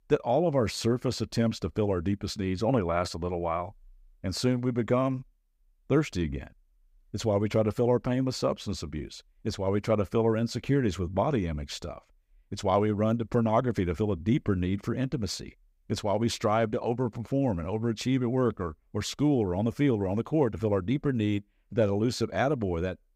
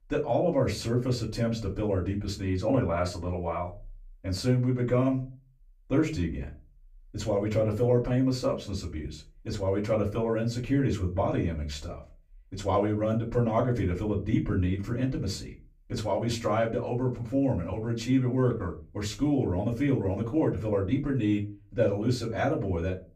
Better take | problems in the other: first | off-mic speech; far // room echo; very slight; dies away in 0.3 s

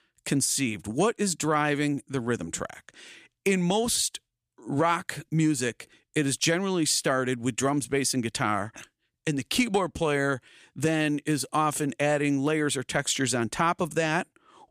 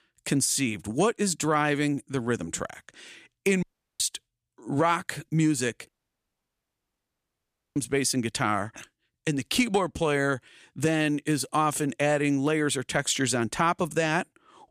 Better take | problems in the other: first | audio cutting out; at 3.5 s and at 6 s for 2 s

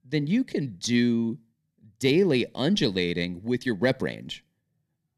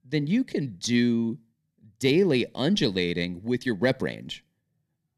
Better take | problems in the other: neither | none

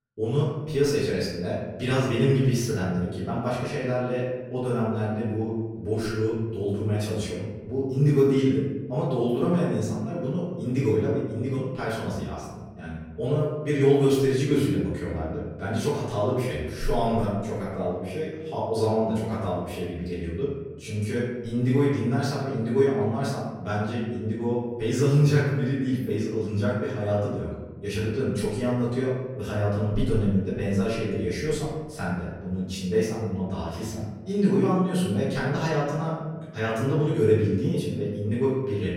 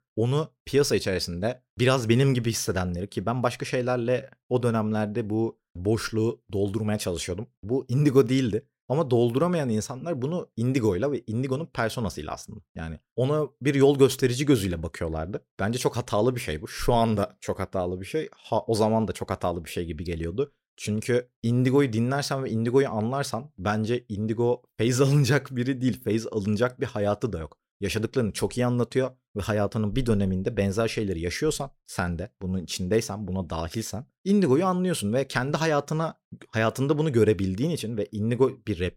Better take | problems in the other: second | room echo; noticeable; dies away in 1.2 s // off-mic speech; far

